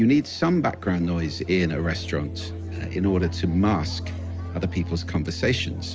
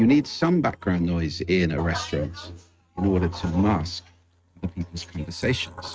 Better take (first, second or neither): first